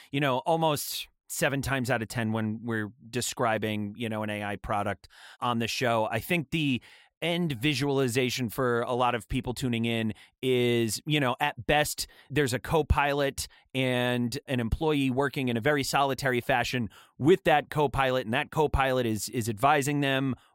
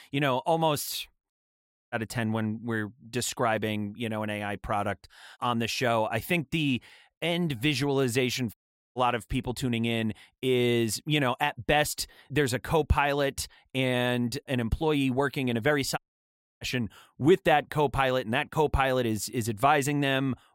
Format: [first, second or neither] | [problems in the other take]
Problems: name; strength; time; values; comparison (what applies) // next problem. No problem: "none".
first | audio cutting out; at 1.5 s for 0.5 s, at 8.5 s and at 16 s for 0.5 s